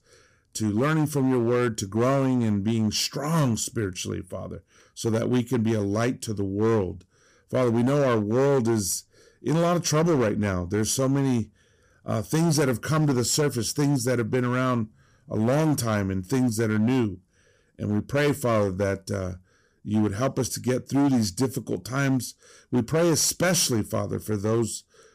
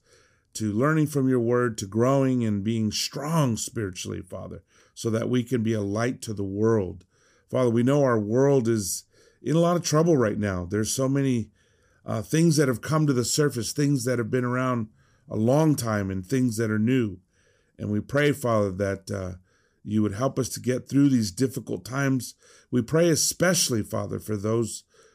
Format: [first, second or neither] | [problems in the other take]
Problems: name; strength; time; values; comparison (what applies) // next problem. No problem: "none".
second | distortion; slight; 10% of the sound clipped